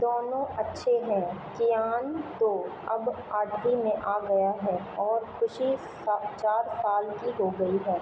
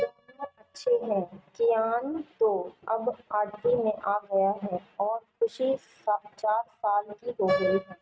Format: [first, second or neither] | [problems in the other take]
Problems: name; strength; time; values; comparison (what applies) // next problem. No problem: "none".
first | noise reduction (neural mask model RNNoise)